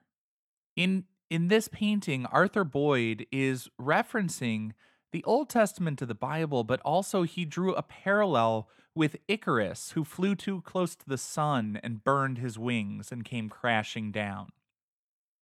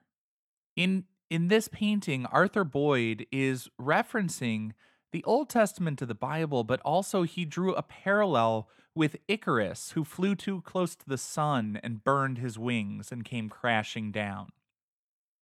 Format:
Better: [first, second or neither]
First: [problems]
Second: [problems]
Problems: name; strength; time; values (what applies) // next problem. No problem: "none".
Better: neither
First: muffled; slightly; fading above 2 kHz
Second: muffled; slightly; fading above 2 kHz